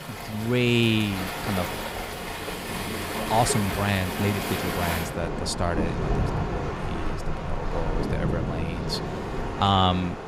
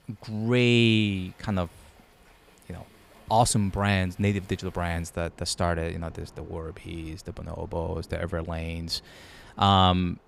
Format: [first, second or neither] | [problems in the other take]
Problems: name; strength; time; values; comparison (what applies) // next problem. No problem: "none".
second | rain or running water; loud; throughout; 3 dB below the speech; faint in the second